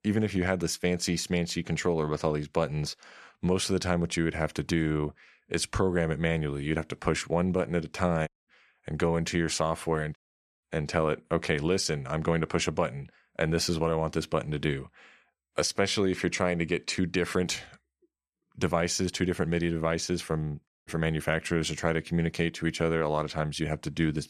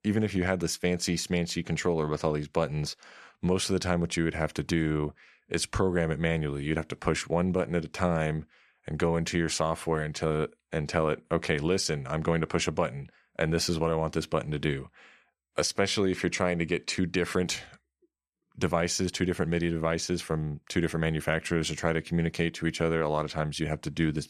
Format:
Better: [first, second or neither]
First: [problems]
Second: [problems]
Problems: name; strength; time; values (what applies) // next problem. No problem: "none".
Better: second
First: audio cutting out; at 8.5 s, at 10 s and at 21 s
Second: none